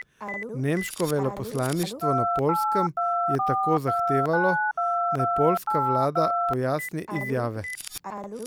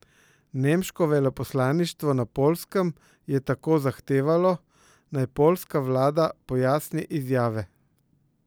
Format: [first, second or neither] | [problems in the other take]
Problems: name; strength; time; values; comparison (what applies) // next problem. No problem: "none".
second | background sound (Telephone); 1 dB above the speech